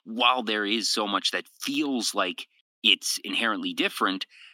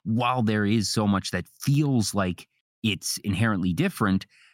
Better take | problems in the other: second | thin; somewhat; fading below 250 Hz

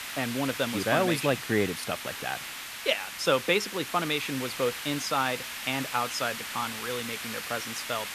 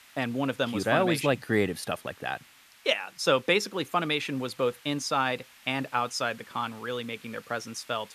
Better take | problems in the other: second | hiss; loud; throughout; 6 dB below the speech; faint in the second

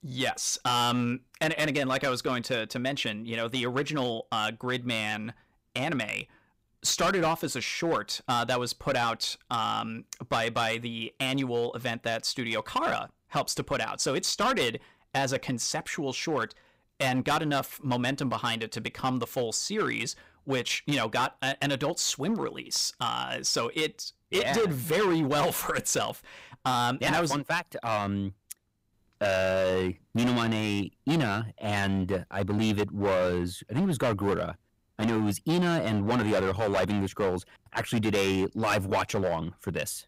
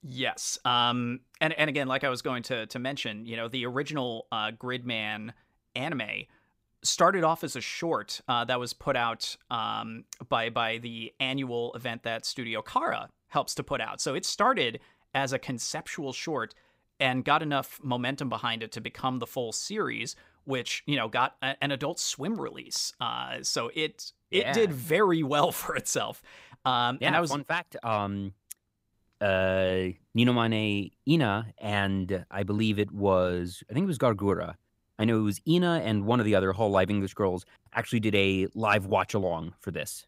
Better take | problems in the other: second | distortion; heavy; 9% of the sound clipped

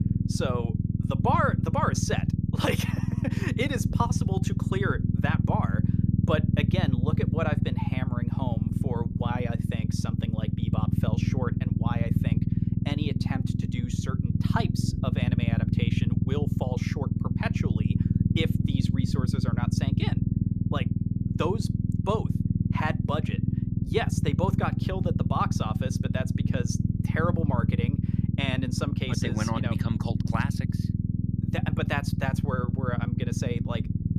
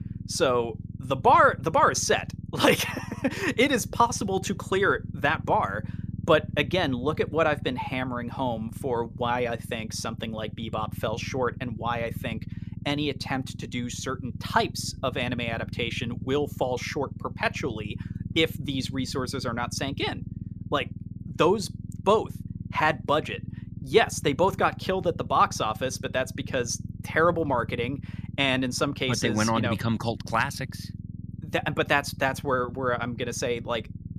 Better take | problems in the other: second | low rumble; loud; throughout; 4 dB below the speech; faint in the second

